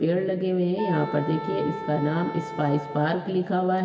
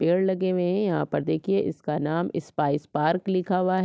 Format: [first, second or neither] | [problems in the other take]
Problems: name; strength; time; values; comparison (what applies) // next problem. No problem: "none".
second | background sound (Wind instrument, woodwind instrument); 11 dB below the speech // room echo; dies away in 1.8 s